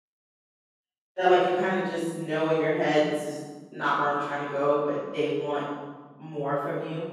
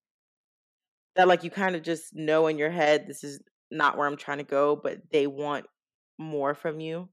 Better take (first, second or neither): second